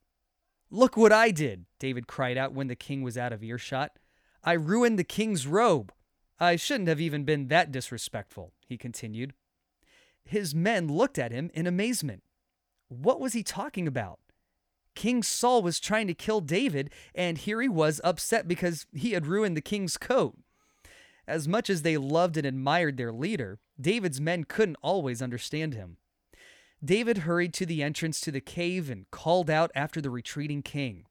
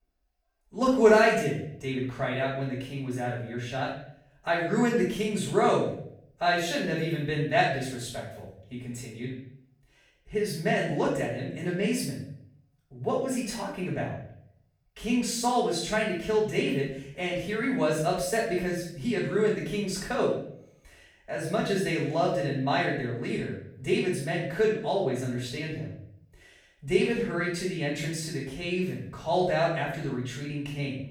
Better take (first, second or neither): first